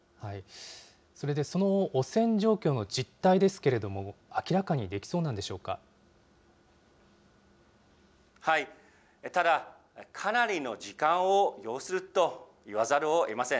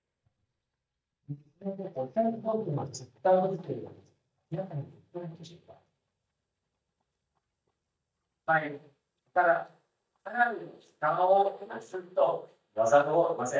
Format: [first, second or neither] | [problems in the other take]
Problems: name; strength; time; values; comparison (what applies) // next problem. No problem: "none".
first | noise reduction (neural mask model DeepFilterNet 3)